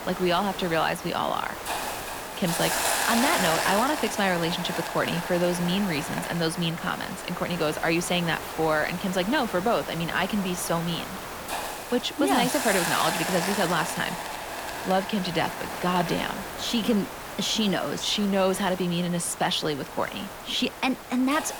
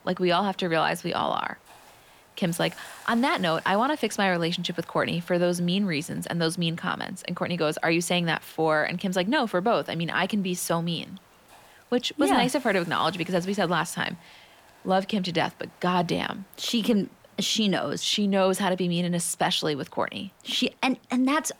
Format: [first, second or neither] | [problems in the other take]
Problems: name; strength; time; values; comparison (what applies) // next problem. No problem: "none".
second | hiss; loud; throughout; 5 dB below the speech; faint in the second